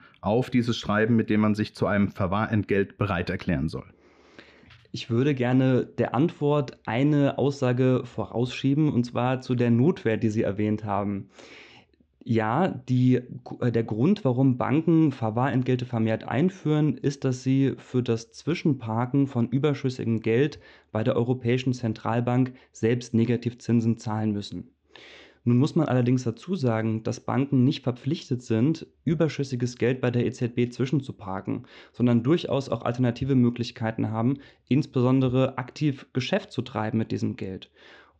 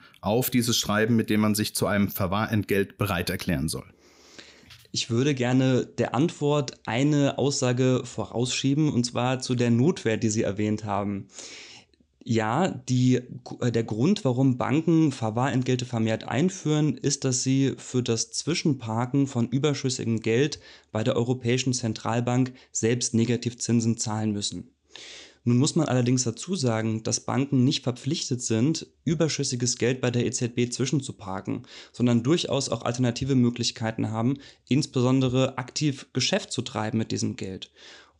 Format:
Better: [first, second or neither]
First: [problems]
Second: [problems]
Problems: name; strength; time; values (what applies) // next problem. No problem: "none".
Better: second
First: muffled; slightly; fading above 2.5 kHz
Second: none